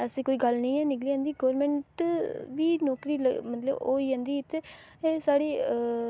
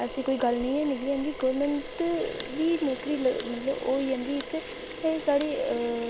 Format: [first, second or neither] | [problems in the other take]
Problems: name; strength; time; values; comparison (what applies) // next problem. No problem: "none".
first | background sound (Camera); 11 dB below the speech